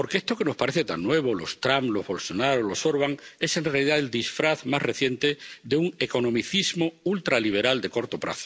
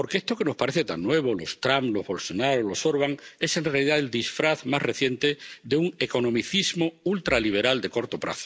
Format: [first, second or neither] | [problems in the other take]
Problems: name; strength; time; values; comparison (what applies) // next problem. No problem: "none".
first | noise reduction (neural mask model DeepFilterNet 3)